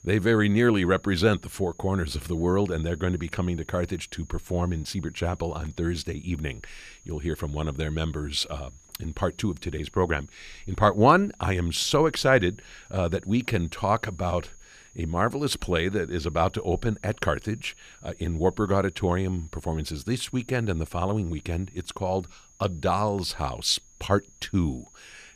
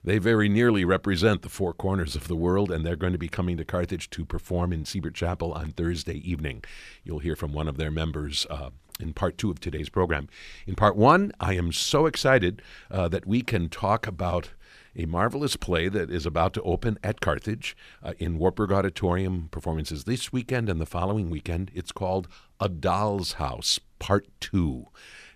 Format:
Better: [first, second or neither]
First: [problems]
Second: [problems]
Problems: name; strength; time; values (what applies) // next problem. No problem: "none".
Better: second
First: high-pitched whine; faint; throughout; 6.5 kHz, 25 dB below the speech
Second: none